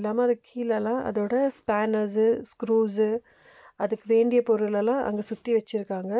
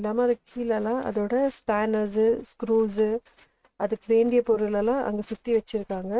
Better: first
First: none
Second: noise reduction (neural mask model RNNoise)

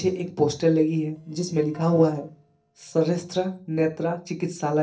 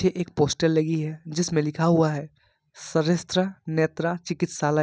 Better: second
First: noise reduction (neural separator model SepFormer DNS4)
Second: none

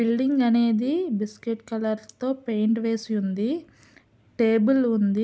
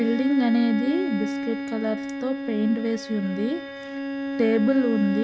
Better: first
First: none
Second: background sound (Bowed string instrument); 5 dB below the speech

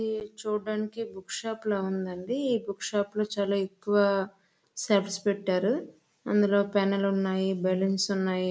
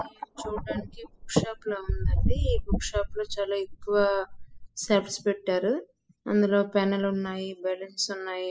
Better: first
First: none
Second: noise reduction (classical method spectral subtraction)

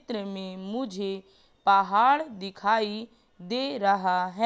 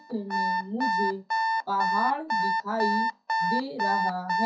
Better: first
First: none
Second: noise reduction (classical method WPE with log-MMSE)

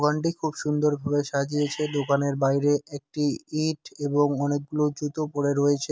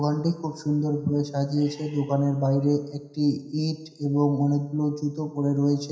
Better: first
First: none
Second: room echo; dies away in 0.9 s

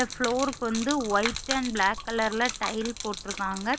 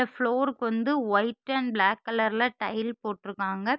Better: second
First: background sound (Gurgling / Liquid); 8 dB below the speech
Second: none

